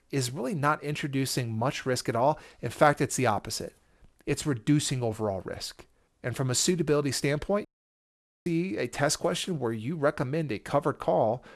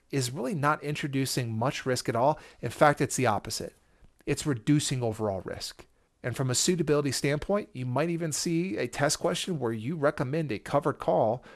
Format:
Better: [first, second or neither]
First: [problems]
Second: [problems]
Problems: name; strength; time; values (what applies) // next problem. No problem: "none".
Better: second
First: audio cutting out; at 7.5 s for 1 s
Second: none